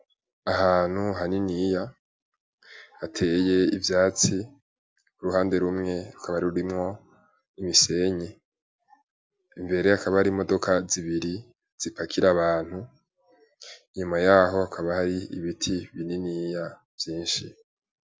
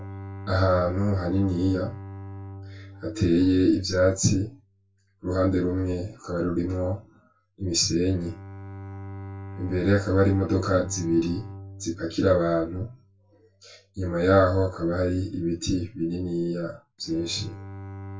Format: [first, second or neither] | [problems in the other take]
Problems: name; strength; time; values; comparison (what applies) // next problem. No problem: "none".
first | background sound (Bowed string instrument); 16 dB below the speech // room echo; dies away in 0.2 s